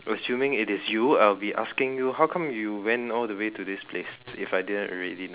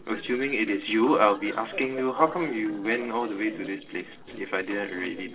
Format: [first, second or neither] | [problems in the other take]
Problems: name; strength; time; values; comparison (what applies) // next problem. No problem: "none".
first | noise reduction (neural separator model SepFormer DNS4)